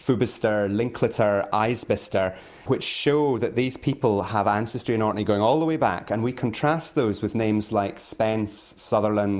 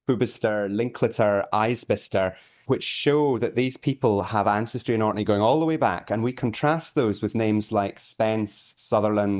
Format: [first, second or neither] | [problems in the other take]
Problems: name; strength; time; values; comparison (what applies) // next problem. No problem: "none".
first | noise reduction (neural mask model DeepFilterNet 3)